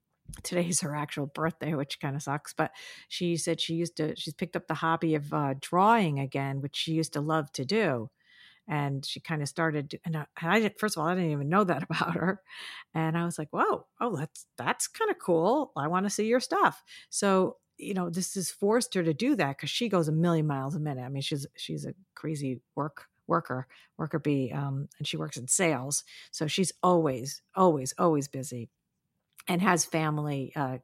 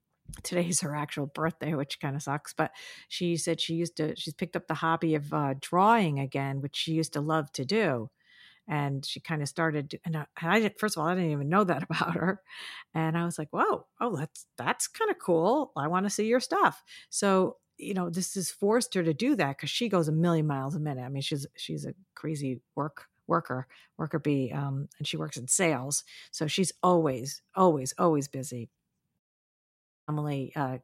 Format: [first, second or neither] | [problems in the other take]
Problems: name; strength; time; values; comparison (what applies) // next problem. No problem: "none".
first | audio cutting out; at 29 s for 1 s